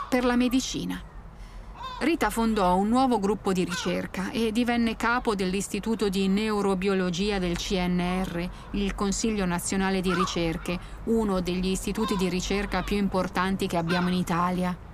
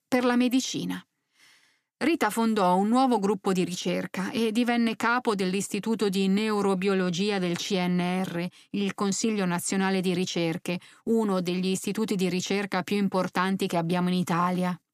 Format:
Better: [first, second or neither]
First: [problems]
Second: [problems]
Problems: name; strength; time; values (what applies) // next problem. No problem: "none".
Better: second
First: animal sounds; noticeable; throughout; 15 dB below the speech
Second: none